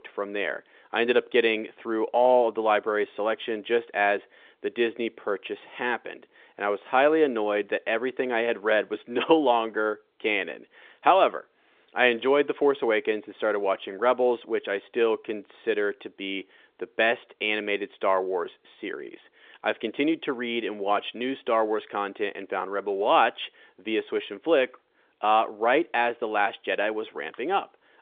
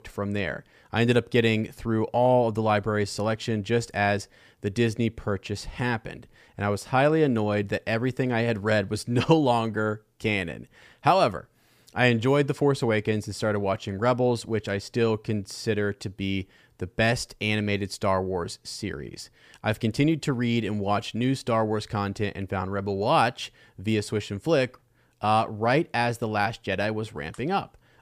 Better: second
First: phone-call audio; nothing above 3.5 kHz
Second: none

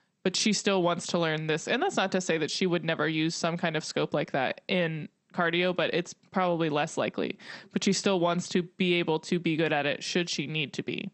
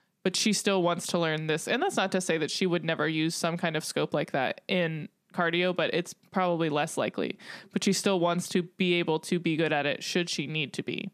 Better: second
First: garbled, watery; slightly; nothing above 8 kHz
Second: none

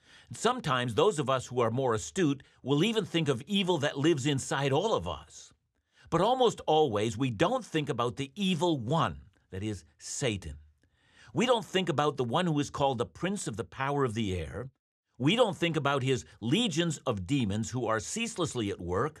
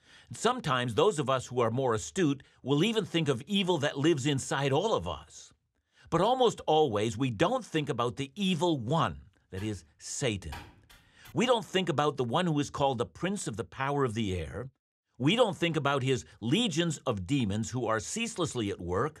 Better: first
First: none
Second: keyboard typing; faint; from 9.5 to 11 s; peak 15 dB below the speech

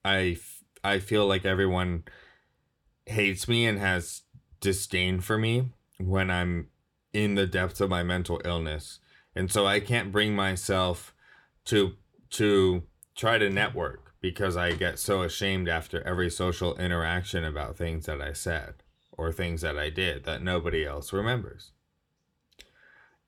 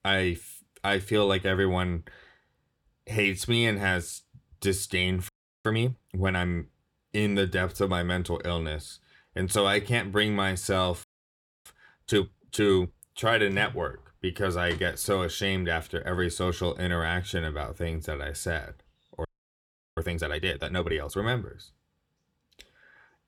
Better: first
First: none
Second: audio freezing; at 5.5 s, at 11 s for 0.5 s and at 19 s for 0.5 s

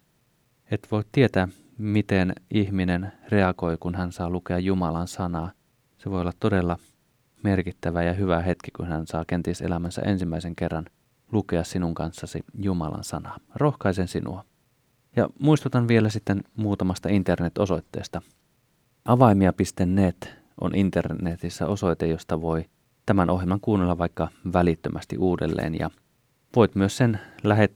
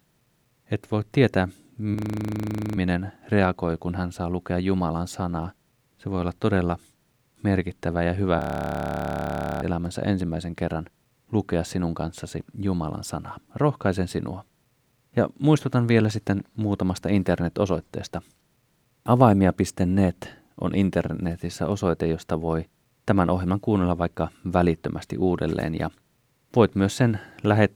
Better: first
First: none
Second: audio freezing; at 2 s for 1 s and at 8.5 s for 1 s

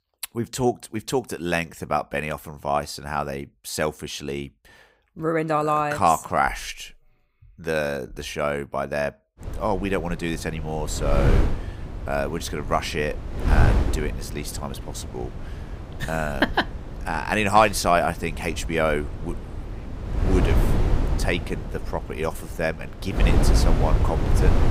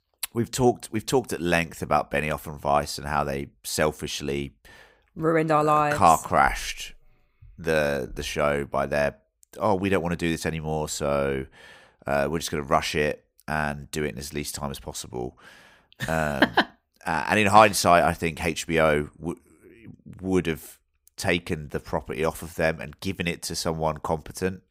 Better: second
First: wind noise on the microphone; heavy; from 9.5 s on; 10 dB below the speech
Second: none

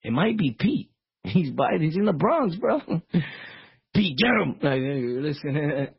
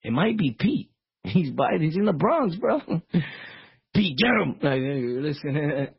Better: neither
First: garbled, watery; badly; nothing above 5.5 kHz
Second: garbled, watery; badly; nothing above 5.5 kHz

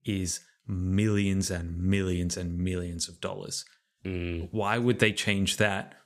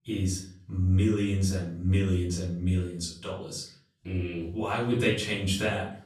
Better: first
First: none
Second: off-mic speech; far // room echo; slight; dies away in 0.4 s

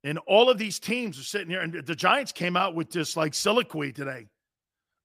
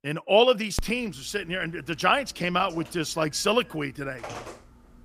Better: first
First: none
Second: phone ringing; faint; from 1 to 4.5 s; peak 10 dB below the speech

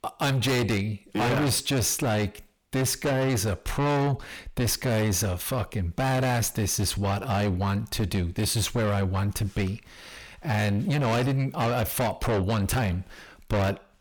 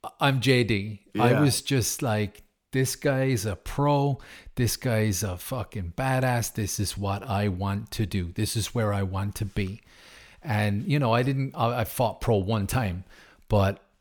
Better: second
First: distortion; heavy; 6 dB below the speech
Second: none

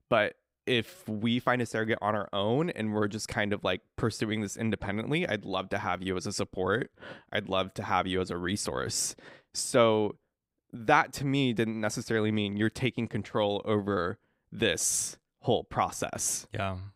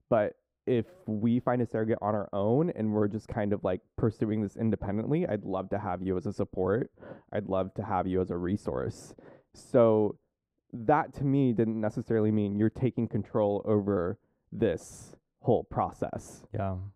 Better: first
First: none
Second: muffled; very; fading above 1.5 kHz

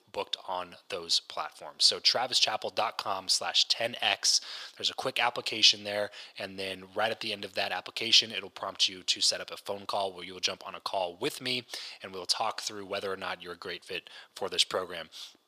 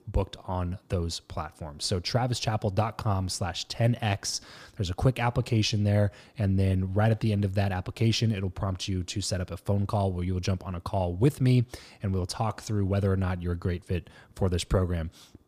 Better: second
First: thin; very; fading below 650 Hz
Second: none

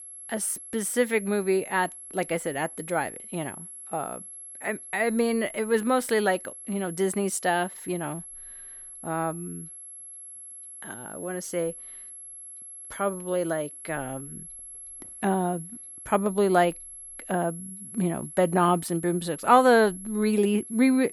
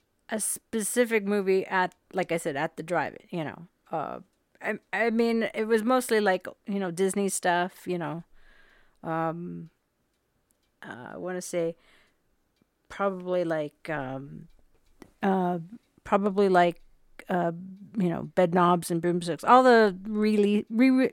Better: second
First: high-pitched whine; noticeable; throughout; 11 kHz, 15 dB below the speech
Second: none

